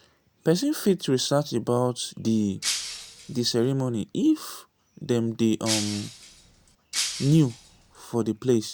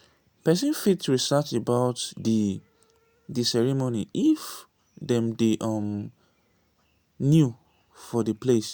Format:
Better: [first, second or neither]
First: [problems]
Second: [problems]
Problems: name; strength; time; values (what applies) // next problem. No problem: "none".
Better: second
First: background sound (Shatter); 8 dB below the speech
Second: none